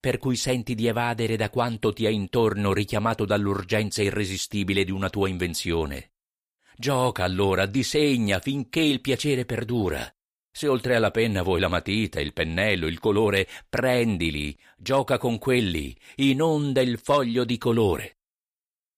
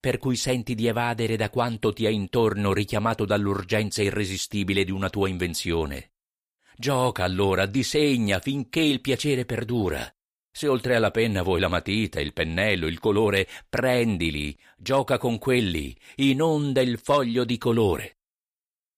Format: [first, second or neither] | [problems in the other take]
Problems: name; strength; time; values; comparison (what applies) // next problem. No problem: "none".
neither | none